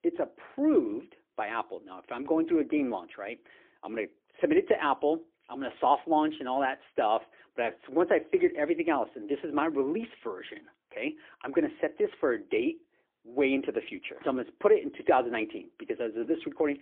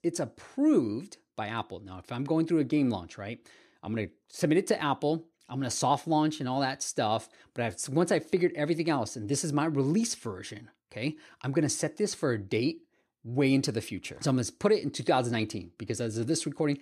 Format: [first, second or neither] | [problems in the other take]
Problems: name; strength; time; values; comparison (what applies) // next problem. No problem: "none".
second | phone-call audio; poor line; nothing above 3.5 kHz